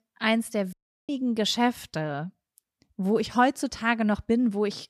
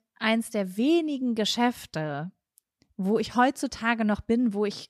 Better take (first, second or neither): second